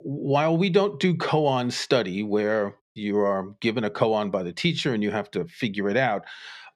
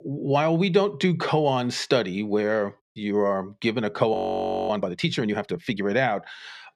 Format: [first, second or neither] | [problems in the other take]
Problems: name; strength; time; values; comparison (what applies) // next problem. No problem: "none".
first | audio freezing; at 4 s for 0.5 s